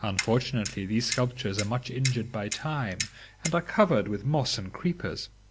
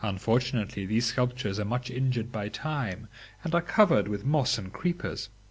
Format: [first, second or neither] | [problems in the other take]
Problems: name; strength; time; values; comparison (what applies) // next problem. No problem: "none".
second | background sound (Clock); 9 dB below the speech